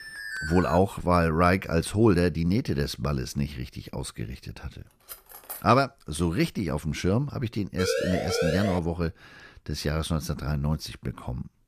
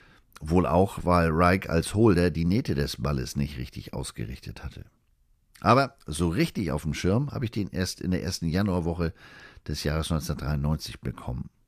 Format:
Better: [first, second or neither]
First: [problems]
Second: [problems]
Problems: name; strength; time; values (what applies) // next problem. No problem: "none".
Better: second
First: alarm; noticeable; at the start; peak 7 dB below the speech // clattering dishes; faint; at 5 s; peak 10 dB below the speech // siren; noticeable; from 8 to 9 s; peak 1 dB below the speech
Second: none